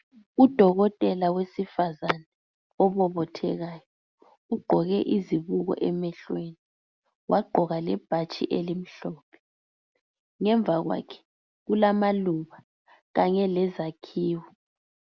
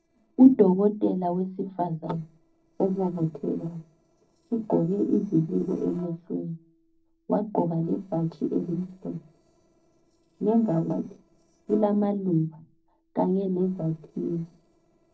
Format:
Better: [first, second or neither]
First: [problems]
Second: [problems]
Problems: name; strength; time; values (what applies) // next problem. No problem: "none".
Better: first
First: none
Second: noise reduction (neural separator model SepFormer DNS4)